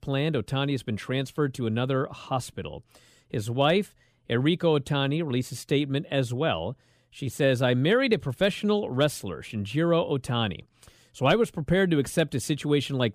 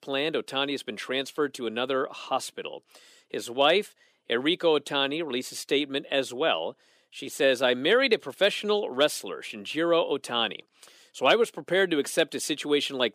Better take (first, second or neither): first